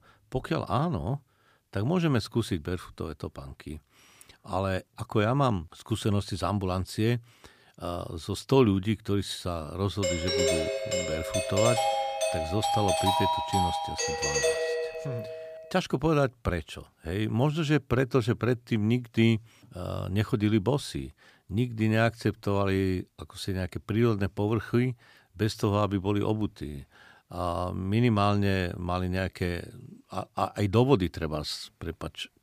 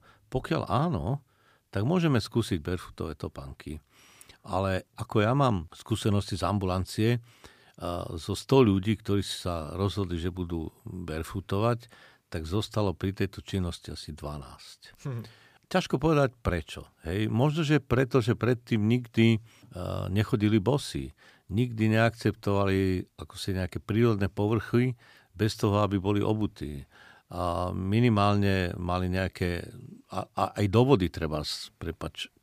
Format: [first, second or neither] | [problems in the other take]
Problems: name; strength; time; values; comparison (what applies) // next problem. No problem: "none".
second | doorbell; loud; from 10 to 16 s; peak 3 dB above the speech